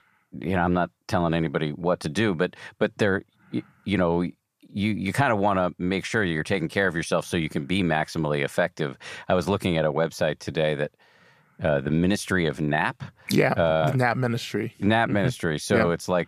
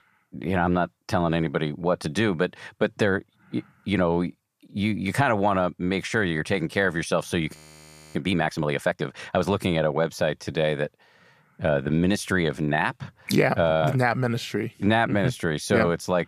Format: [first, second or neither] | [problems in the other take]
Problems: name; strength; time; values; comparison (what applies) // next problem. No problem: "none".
first | audio freezing; at 7.5 s for 0.5 s